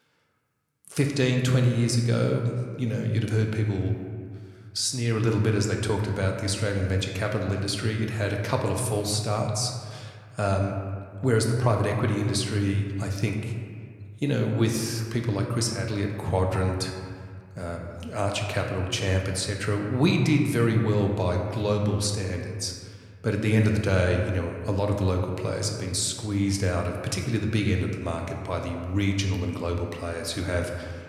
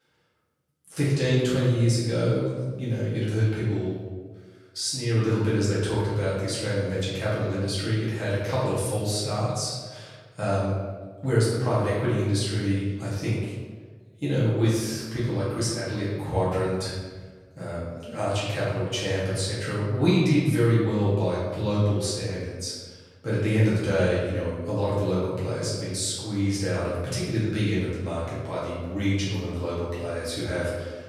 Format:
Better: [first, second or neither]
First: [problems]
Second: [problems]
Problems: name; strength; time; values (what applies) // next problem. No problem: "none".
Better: first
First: room echo; slight; dies away in 1.6 s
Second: room echo; strong; dies away in 1.2 s // off-mic speech; far